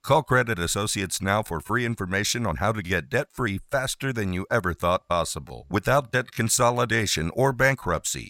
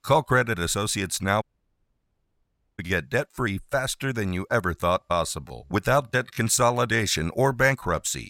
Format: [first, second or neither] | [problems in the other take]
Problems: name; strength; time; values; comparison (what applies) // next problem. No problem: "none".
first | audio cutting out; at 1.5 s for 1.5 s